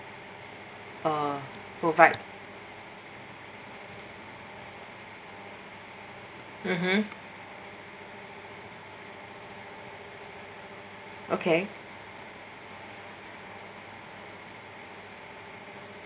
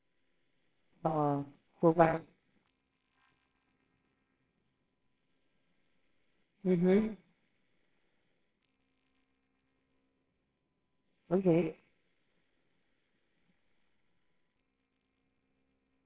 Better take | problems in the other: first | noise reduction (neural separator model SepFormer WHAMR!)

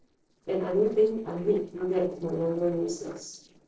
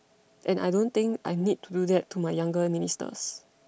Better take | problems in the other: second | noise reduction (neural separator model SepFormer DNS4)

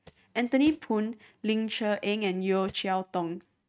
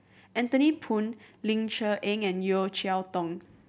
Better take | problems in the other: second | noise reduction (neural mask model RNNoise)

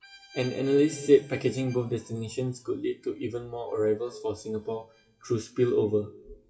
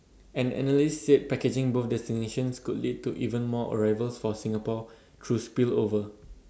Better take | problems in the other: second | noise reduction (classical method WPE with log-MMSE)

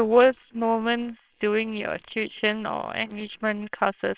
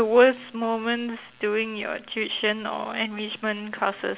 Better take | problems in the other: second | noise reduction (neural separator model SepFormer WHAMR!)

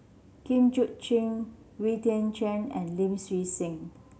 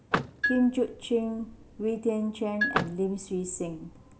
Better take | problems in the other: first | background sound (Vehicle + Marimba, xylophone); 4 dB below the speech

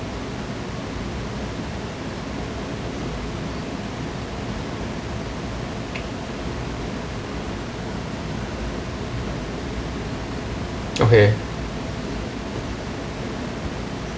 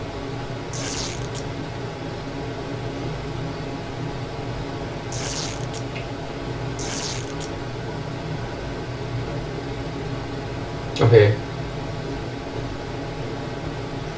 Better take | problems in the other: first | background sound (Tearing); 8 dB below the speech // room echo; dies away in 0.2 s

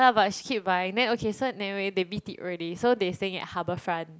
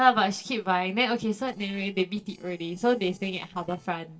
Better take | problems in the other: first | noise reduction (neural separator model SepFormer DNS4)

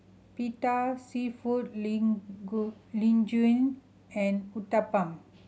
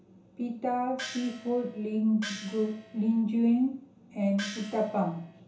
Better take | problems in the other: first | background sound (Gong); 14 dB below the speech // room echo; dies away in 0.7 s

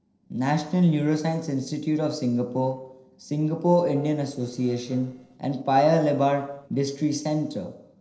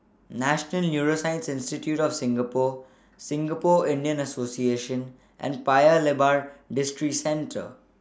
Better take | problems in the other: second | noise reduction (neural separator model SepFormer DNS4)

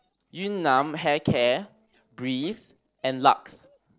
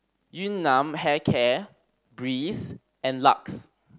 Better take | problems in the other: second | noise reduction (neural separator model SepFormer DNS4)

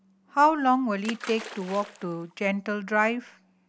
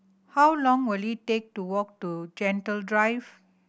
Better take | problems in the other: second | background sound (Splash, splatter); 17 dB below the speech

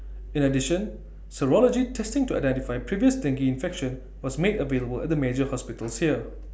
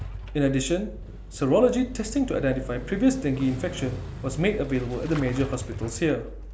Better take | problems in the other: first | background sound (Engine starting / Motorcycle); 13 dB below the speech

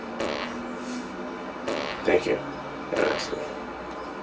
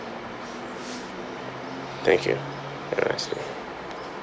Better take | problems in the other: second | background sound (Fart); 2 dB below the speech // room echo; dies away in 0.1 s

